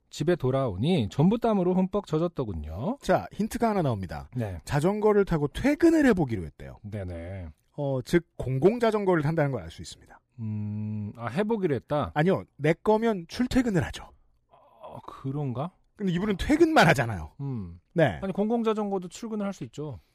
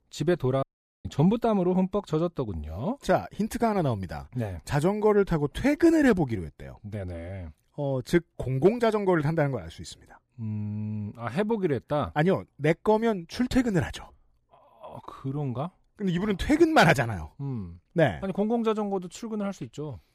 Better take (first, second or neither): first